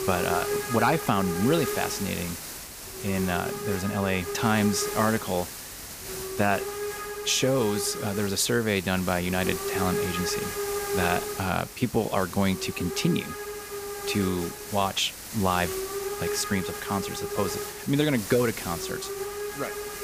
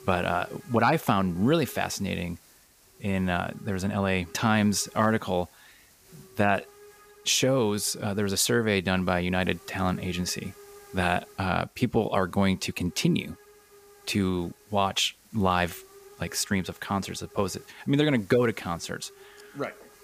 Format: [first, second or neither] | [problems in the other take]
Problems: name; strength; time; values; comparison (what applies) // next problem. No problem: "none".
second | hiss; loud; throughout; 5 dB below the speech; faint in the second